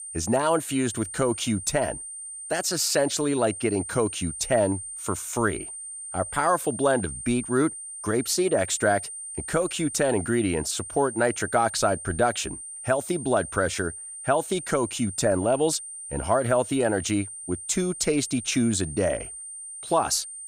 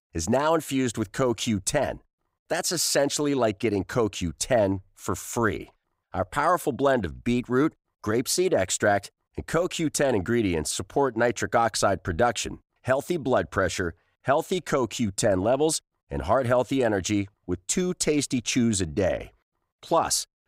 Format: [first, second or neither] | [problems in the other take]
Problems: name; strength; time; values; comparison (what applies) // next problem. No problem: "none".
second | high-pitched whine; loud; throughout; 9 kHz, 9 dB below the speech